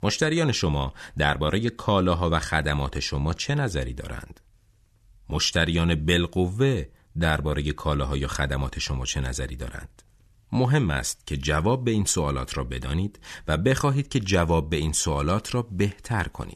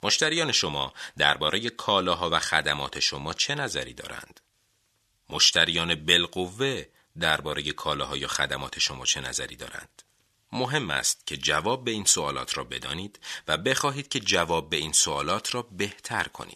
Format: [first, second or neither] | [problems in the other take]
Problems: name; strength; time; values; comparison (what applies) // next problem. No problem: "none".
first | thin; somewhat; fading below 750 Hz